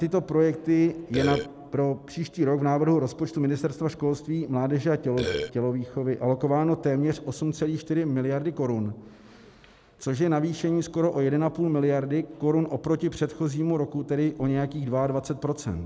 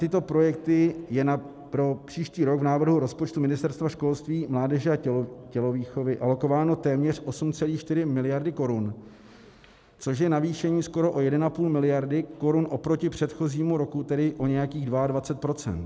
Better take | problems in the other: second | background sound (Burping, eructation); 3 dB below the speech

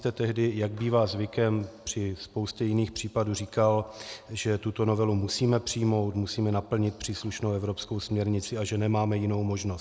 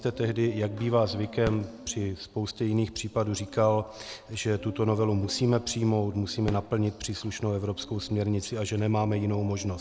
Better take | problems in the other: first | background sound (Dog + Fireworks); 16 dB below the speech

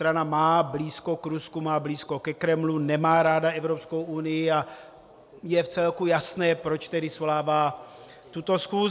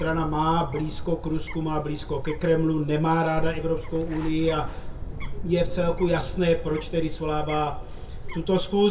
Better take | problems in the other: first | background sound (Bird); 5 dB below the speech // room echo; dies away in 0.2 s

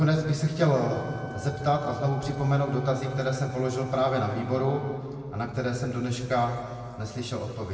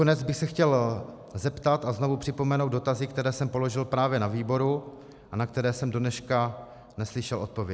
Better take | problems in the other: second | background sound (Wind instrument, woodwind instrument); 19 dB below the speech // room echo; dies away in 2.2 s

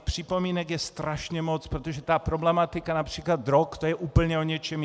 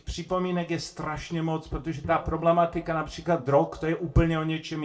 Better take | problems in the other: first | noise reduction (neural separator model SepFormer DNS4)

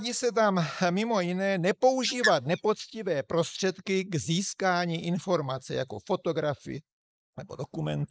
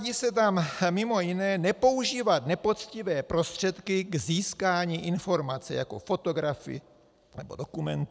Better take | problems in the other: second | noise reduction (neural mask model Resemble Enhance denoiser)

